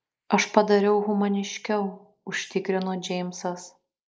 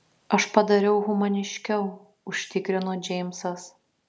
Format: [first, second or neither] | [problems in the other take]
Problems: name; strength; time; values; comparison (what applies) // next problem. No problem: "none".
second | noise reduction (neural mask model Resemble Enhance denoiser)